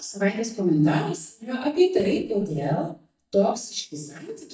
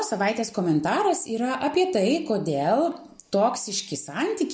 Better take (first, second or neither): second